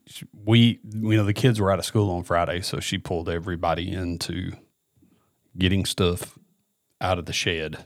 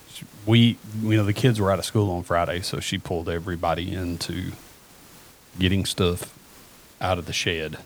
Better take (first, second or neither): first